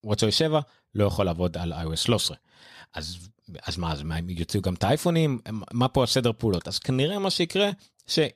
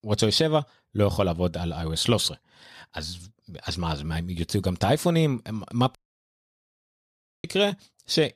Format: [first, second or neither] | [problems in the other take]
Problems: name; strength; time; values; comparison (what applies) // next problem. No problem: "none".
first | audio cutting out; at 6 s for 1.5 s